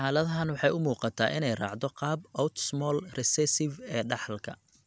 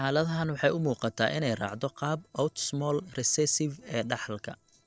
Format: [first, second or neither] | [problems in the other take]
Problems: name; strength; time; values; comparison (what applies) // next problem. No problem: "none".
first | noise reduction (neural separator model SepFormer DNS4)